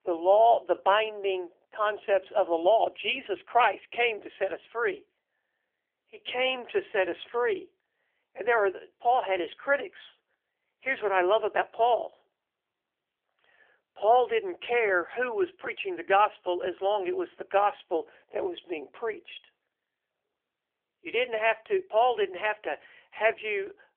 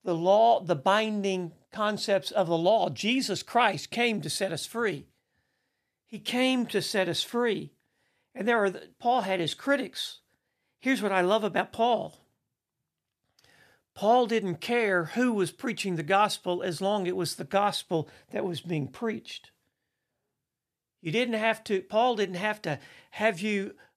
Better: second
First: phone-call audio; nothing above 3 kHz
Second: none

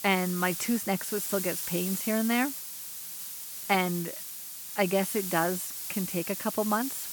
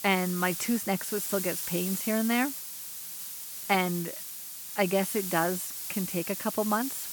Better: neither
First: hiss; loud; throughout; 4 dB below the speech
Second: hiss; loud; throughout; 4 dB below the speech

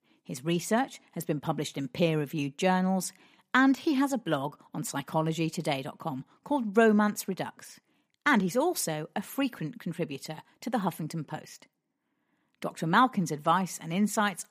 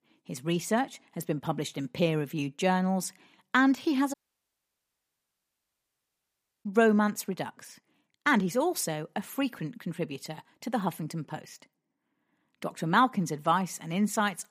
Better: first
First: none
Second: audio cutting out; at 4 s for 2.5 s

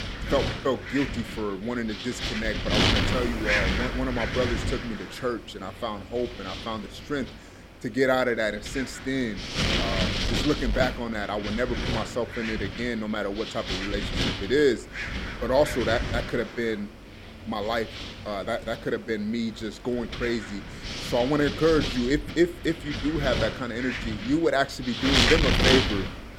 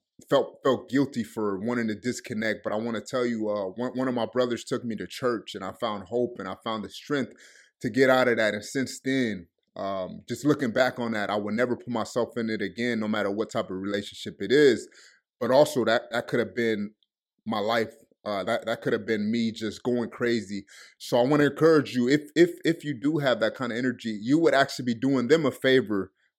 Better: second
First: wind noise on the microphone; heavy; as loud as the speech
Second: none

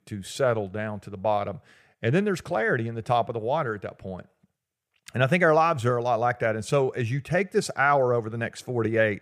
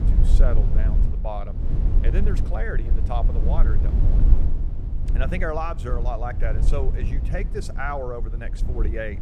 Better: first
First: none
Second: low rumble; loud; throughout; 9 dB below the speech

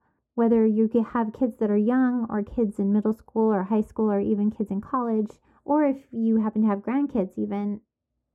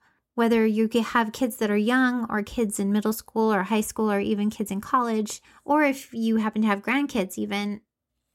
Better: second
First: muffled; very; fading above 1.5 kHz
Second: none

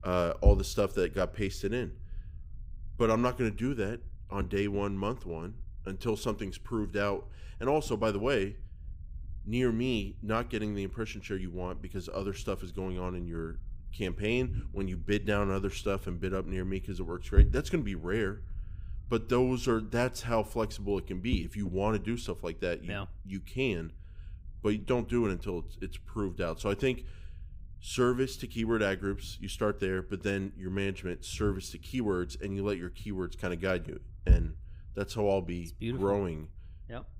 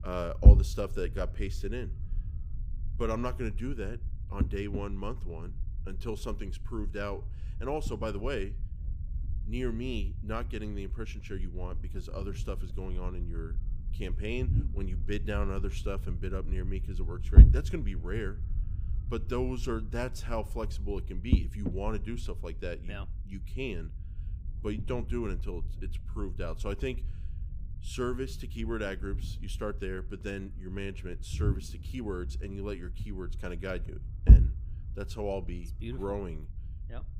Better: first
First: low rumble; faint; throughout; 20 dB below the speech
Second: low rumble; loud; throughout; 9 dB below the speech

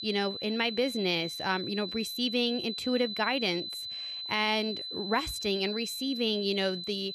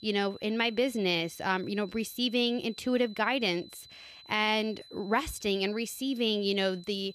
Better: second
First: high-pitched whine; loud; throughout; 4 kHz, 5 dB below the speech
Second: high-pitched whine; faint; throughout; 4 kHz, 20 dB below the speech

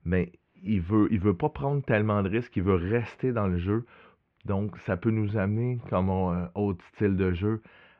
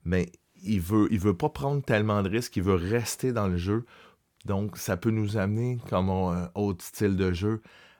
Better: second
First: muffled; very; fading above 2.5 kHz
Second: none

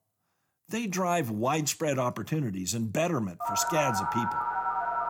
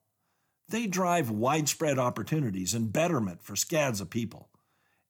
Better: second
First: phone ringing; loud; from 3.5 s on; peak level with the speech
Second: none

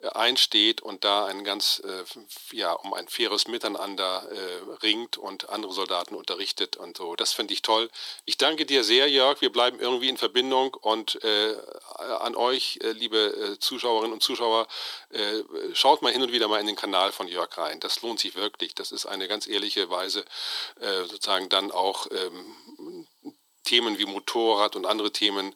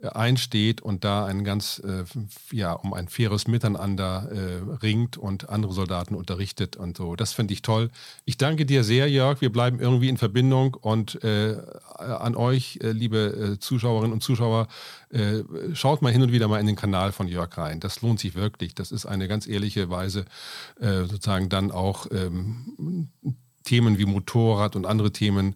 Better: second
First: thin; very; fading below 300 Hz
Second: none

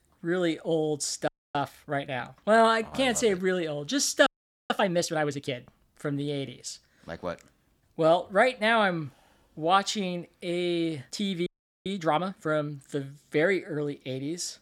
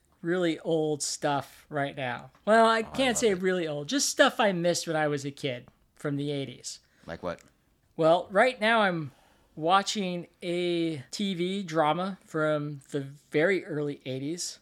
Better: second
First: audio freezing; at 1.5 s, at 4.5 s and at 11 s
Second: none

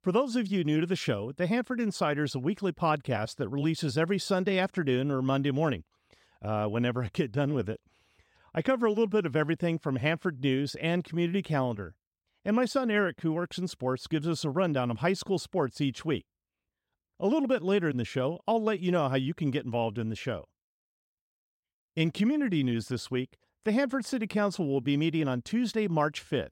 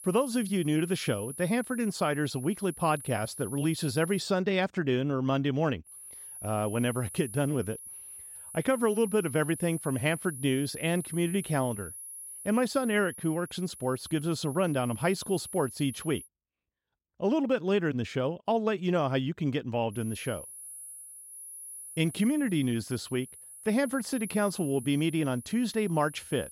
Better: first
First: none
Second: high-pitched whine; noticeable; until 4 s, from 6 to 16 s and from 20 s on; 10.5 kHz, 10 dB below the speech

